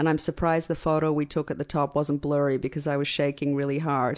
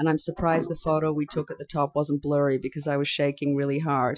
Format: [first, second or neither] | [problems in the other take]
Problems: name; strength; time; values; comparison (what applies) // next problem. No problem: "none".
first | noise reduction (classical method Wiener filter)